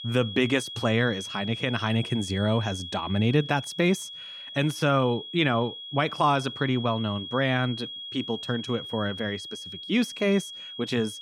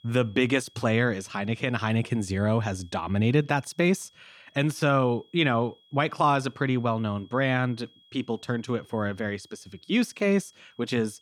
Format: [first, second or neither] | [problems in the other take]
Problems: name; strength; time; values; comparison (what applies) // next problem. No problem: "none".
second | high-pitched whine; loud; throughout; 3.5 kHz, 10 dB below the speech; faint in the second